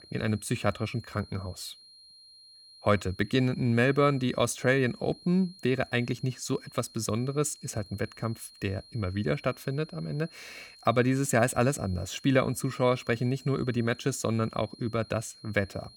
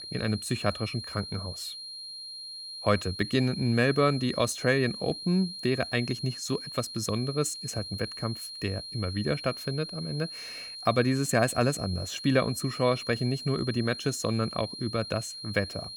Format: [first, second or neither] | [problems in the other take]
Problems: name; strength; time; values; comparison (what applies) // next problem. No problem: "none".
first | high-pitched whine; loud; throughout; 4 kHz, 9 dB below the speech; faint in the first